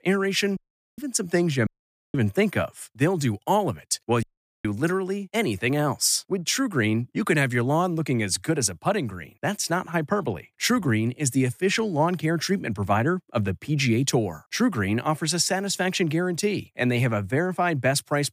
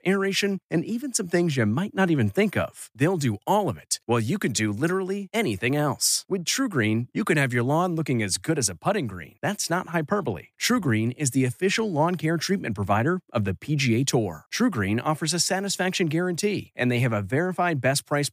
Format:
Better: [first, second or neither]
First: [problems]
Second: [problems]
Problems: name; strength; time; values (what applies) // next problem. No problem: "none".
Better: second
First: audio cutting out; at 0.5 s, at 1.5 s and at 4 s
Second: none